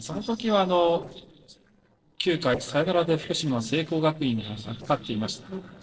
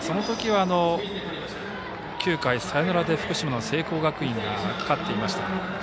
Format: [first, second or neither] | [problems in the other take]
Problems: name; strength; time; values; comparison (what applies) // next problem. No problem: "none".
second | noise reduction (neural separator model SepFormer DNS4)